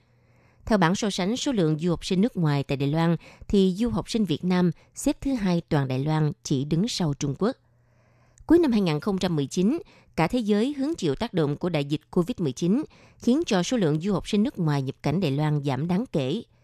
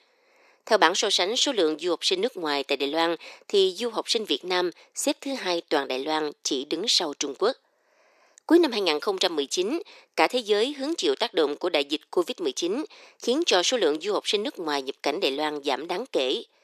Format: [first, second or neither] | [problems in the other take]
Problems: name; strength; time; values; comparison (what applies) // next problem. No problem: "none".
first | thin; very; fading below 350 Hz